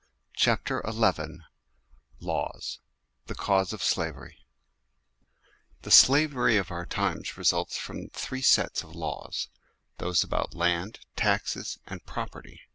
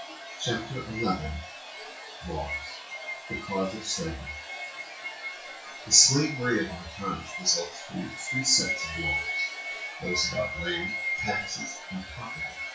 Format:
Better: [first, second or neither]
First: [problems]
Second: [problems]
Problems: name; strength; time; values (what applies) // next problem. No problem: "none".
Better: first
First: none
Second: noise reduction (classical method WPE with log-MMSE)